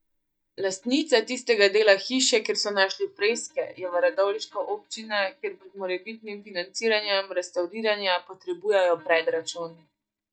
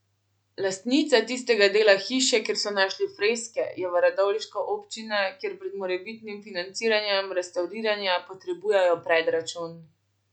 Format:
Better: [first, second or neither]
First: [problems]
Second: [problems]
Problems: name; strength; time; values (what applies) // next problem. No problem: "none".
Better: second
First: noise reduction (neural mask model DeepFilterNet 3)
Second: none